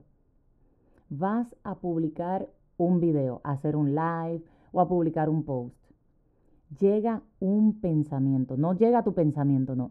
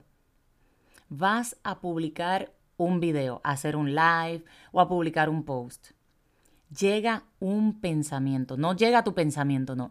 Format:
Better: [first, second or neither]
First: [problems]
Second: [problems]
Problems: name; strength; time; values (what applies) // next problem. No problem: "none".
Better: second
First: muffled; very; fading above 1.5 kHz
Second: none